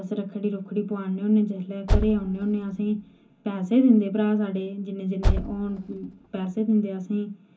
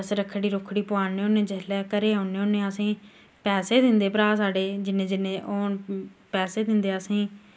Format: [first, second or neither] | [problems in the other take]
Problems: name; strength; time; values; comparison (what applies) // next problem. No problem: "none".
second | background sound (Car); 3 dB below the speech // room echo; dies away in 0.3 s